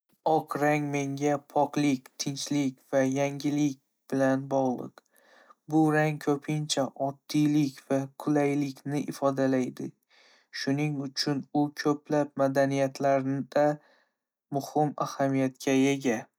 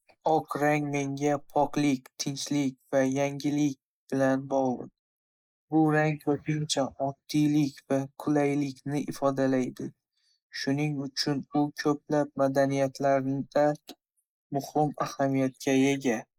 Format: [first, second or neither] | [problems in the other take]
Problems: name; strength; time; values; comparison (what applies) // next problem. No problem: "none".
first | noise reduction (neural mask model Resemble Enhance denoiser)